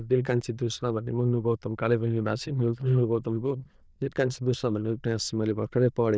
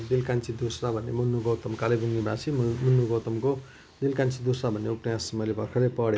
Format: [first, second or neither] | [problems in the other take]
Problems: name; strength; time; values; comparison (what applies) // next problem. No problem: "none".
second | noise reduction (neural diffusion model UNIVERSE++)